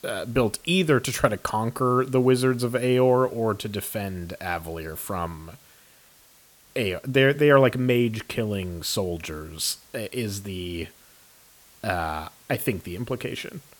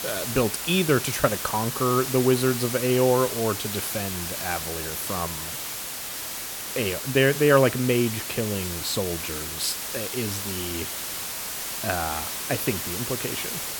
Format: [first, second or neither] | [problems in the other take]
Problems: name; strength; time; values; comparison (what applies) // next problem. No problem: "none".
first | hiss; loud; throughout; 4 dB below the speech; faint in the first